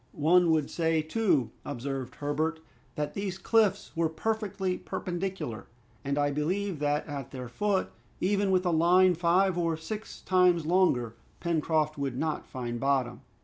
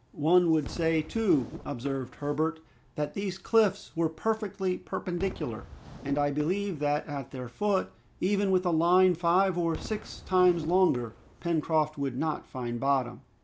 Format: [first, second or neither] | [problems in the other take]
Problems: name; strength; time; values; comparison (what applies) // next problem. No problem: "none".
first | background sound (Whoosh, swoosh, swish / Fireworks); 19 dB below the speech